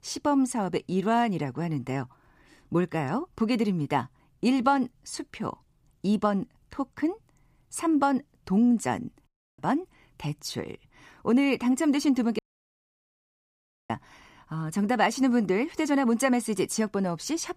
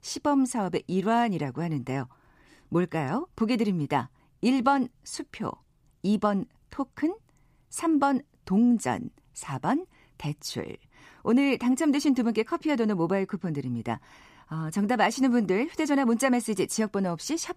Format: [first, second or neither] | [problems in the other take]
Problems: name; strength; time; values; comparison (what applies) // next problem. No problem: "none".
second | audio cutting out; at 9.5 s and at 12 s for 1.5 s